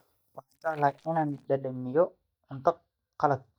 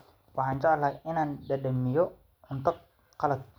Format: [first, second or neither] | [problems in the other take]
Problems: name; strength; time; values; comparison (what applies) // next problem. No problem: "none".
second | noise reduction (neural mask model DeepFilterNet 3)